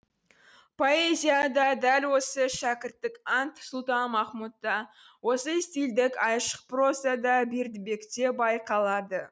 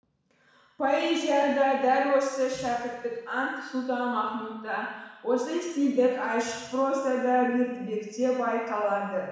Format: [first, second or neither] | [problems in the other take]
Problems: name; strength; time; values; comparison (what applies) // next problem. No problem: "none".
first | room echo; dies away in 1.1 s